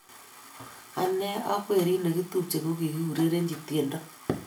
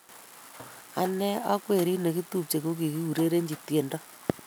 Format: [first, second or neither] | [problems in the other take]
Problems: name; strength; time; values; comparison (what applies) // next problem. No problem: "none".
second | room echo; dies away in 0.3 s